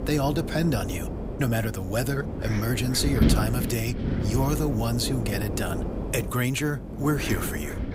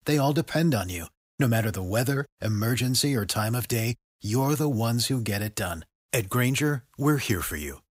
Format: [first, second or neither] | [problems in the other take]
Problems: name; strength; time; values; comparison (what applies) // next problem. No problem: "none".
second | wind noise on the microphone; heavy; 6 dB below the speech